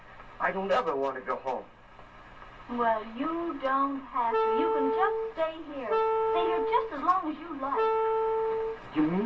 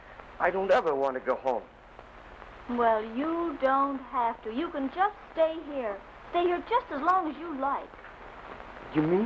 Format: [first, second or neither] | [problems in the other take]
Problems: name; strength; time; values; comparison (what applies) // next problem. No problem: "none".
second | background sound (Wind instrument, woodwind instrument); 2 dB above the speech // room echo; dies away in 0.1 s